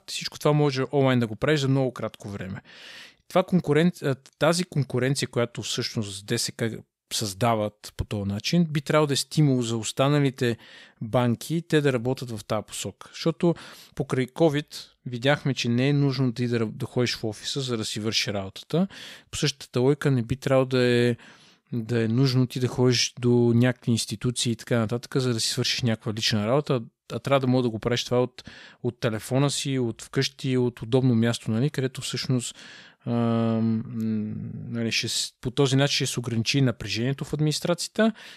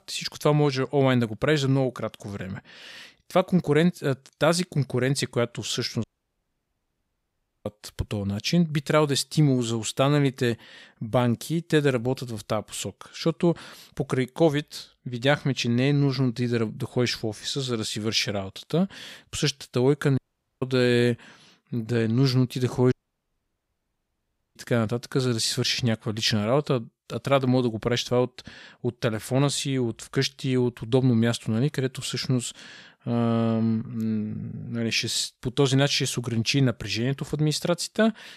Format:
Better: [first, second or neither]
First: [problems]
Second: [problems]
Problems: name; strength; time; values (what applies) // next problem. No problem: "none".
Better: first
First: none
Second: audio cutting out; at 6 s for 1.5 s, at 20 s and at 23 s for 1.5 s